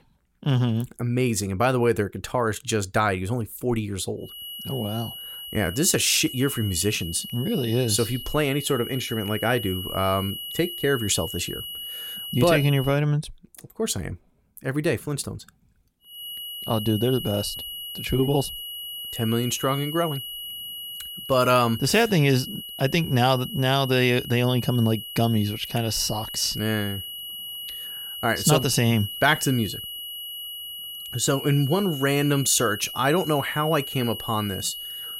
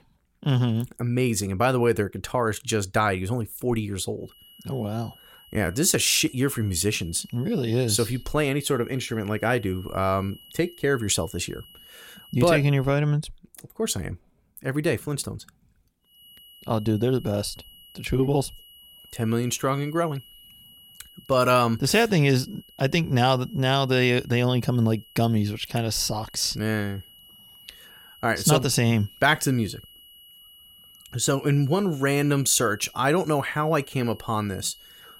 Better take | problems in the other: second | high-pitched whine; loud; from 4.5 to 13 s and from 16 s on; 3 kHz, 9 dB below the speech; faint in the second

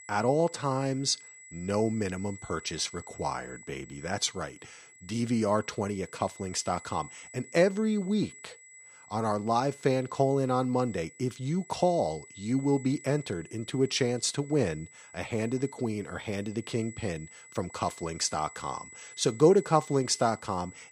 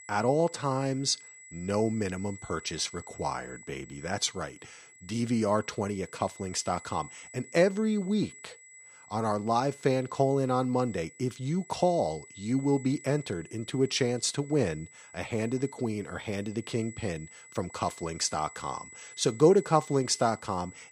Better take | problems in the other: neither | high-pitched whine; noticeable; throughout; 2 kHz, 20 dB below the speech; the same in both

